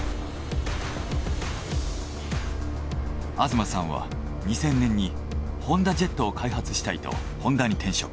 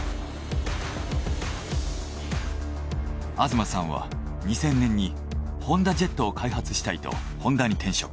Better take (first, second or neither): second